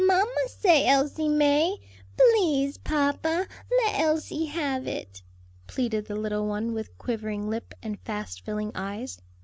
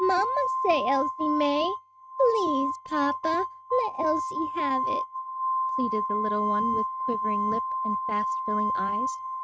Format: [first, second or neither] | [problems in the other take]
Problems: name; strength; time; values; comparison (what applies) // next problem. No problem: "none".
first | noise reduction (neural mask model RNNoise)